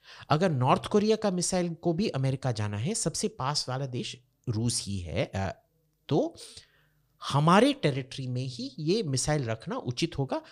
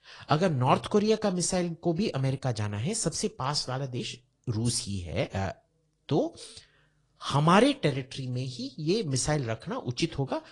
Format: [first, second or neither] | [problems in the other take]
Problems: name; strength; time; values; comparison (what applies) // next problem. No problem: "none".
first | garbled, watery; slightly